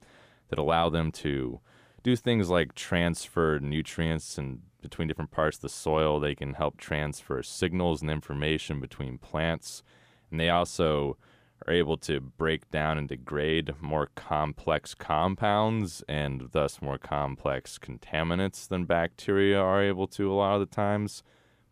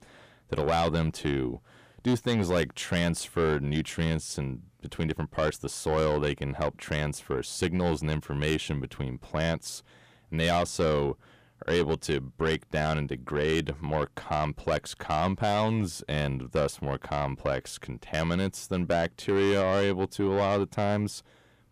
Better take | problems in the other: first | distortion; slight; 10 dB below the speech

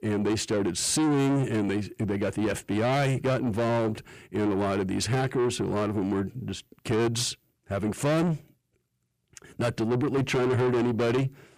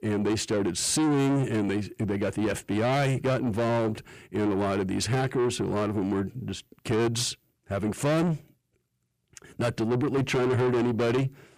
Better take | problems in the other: neither | distortion; heavy; 8 dB below the speech; the same in both

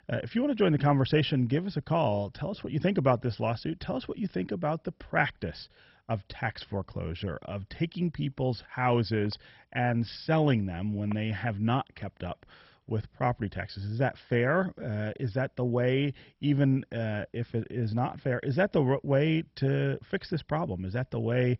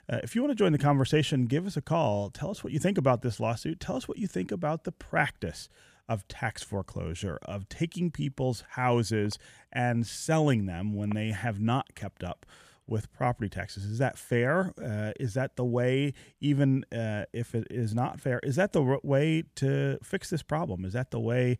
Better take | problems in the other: second | garbled, watery; badly; nothing above 5.5 kHz

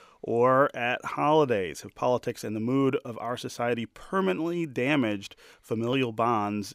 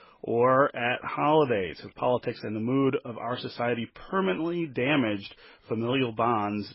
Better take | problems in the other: first | garbled, watery; badly; nothing above 5.5 kHz

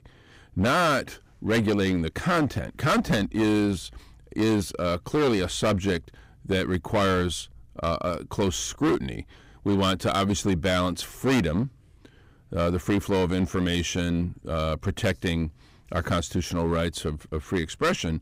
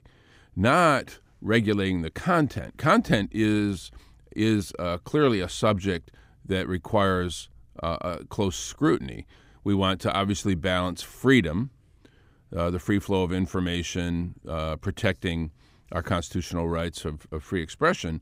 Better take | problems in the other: second | distortion; heavy; 11% of the sound clipped

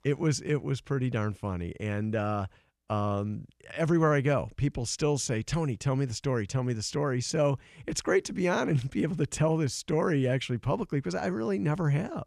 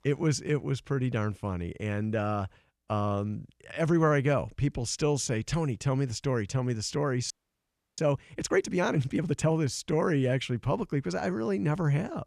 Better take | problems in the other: first | audio freezing; at 7.5 s for 0.5 s

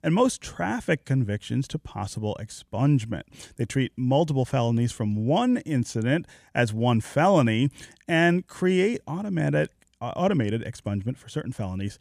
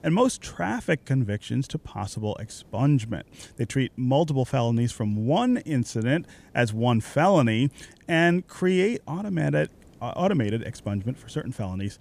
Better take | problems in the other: first | hiss; faint; throughout; 30 dB below the speech

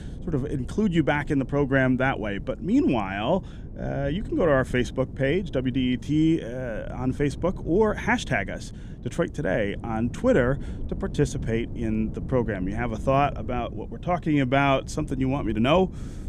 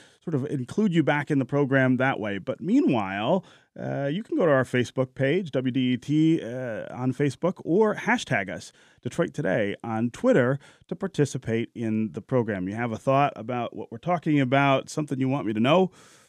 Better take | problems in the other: second | wind noise on the microphone; occasional gusts; 20 dB below the speech

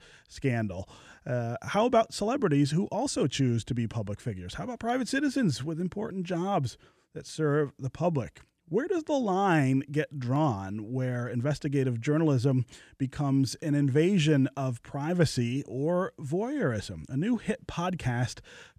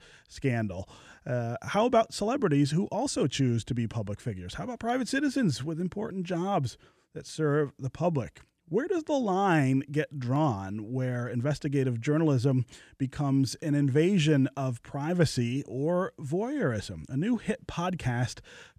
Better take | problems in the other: neither | none

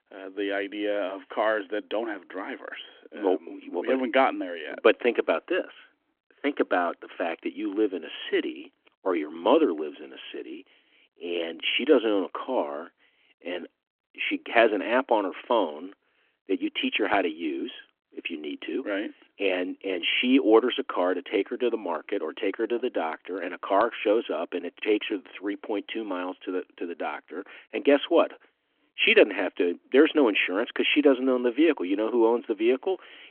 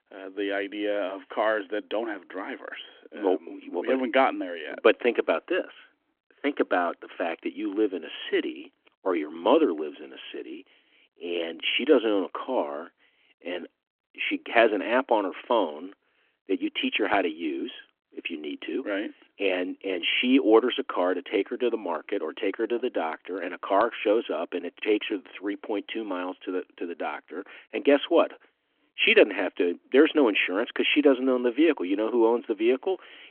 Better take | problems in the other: neither | phone-call audio; nothing above 3.5 kHz; the same in both

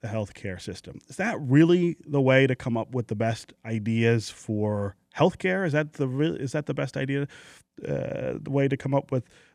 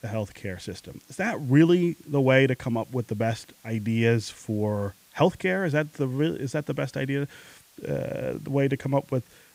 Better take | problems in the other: first | hiss; faint; throughout; 30 dB below the speech

